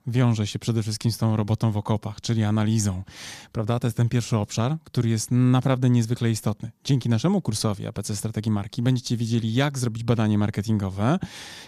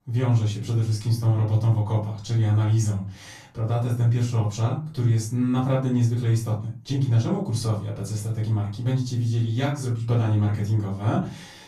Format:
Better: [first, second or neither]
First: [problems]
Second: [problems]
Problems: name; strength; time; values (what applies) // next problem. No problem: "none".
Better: first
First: none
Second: off-mic speech; far // room echo; slight; dies away in 0.3 s